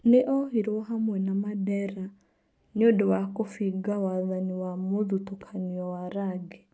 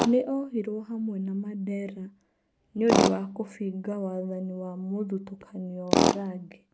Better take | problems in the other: first | background sound (Tools); as loud as the speech

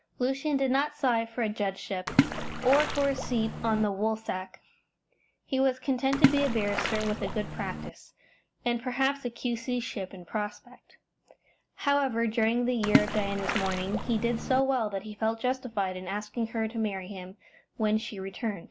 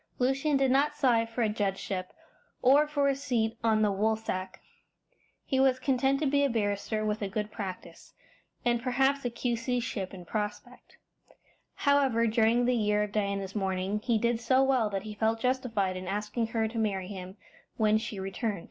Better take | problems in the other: second | background sound (Splash, splatter); as loud as the speech

